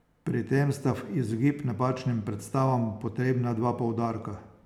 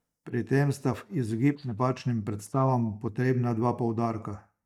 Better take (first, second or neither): first